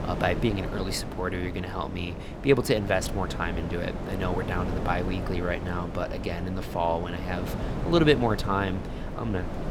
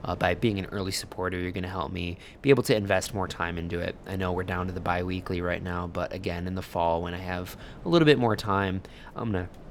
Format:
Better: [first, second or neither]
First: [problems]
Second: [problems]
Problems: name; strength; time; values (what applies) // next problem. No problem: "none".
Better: second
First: wind noise on the microphone; heavy; 9 dB below the speech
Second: wind noise on the microphone; occasional gusts; 25 dB below the speech